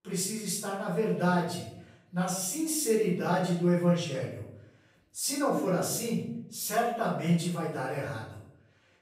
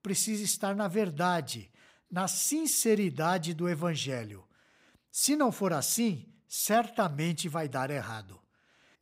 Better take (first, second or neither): second